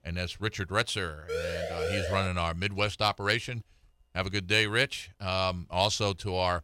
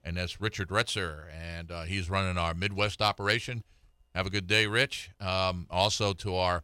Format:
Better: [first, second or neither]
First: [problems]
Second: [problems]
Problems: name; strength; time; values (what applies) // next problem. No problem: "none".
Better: second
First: siren; noticeable; at 1.5 s; peak 4 dB below the speech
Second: none